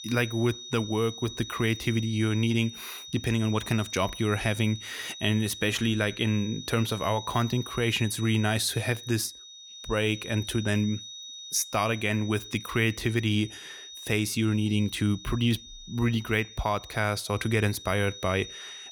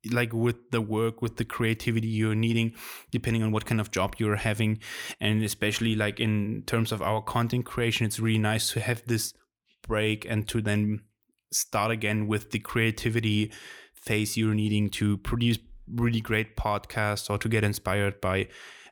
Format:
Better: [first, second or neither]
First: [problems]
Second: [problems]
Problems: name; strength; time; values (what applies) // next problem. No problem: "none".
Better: second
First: high-pitched whine; noticeable; throughout; 3.5 kHz, 15 dB below the speech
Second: none